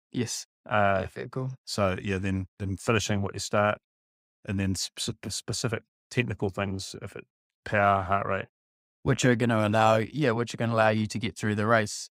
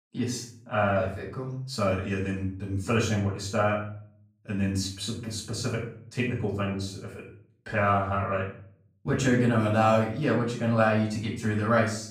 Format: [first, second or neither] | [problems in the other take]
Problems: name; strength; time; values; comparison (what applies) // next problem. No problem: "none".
first | room echo; noticeable; dies away in 0.5 s // off-mic speech; far